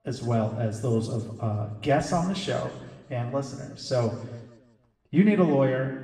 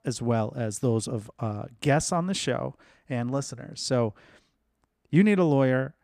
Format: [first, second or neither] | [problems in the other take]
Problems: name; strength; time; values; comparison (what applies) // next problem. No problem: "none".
second | room echo; noticeable; dies away in 1.1 s // off-mic speech; far